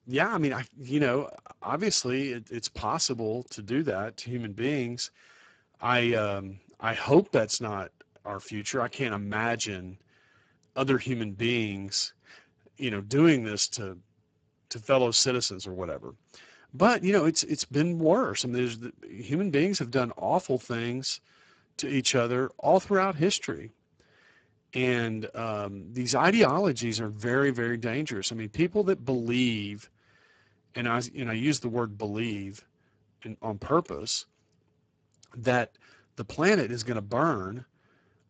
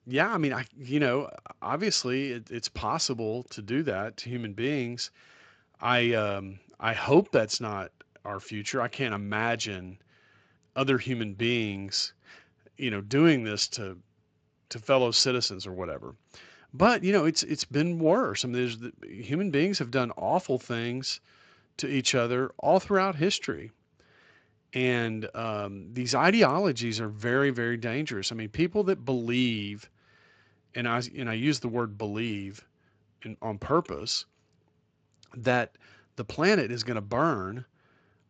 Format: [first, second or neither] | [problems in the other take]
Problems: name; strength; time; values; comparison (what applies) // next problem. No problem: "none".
second | garbled, watery; badly; nothing above 7.5 kHz; slightly in the second